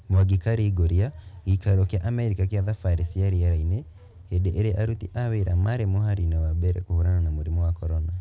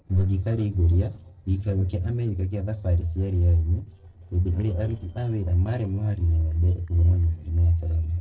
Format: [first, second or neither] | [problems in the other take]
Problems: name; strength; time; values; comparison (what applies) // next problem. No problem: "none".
first | noise reduction (neural separator model SepFormer DNS4)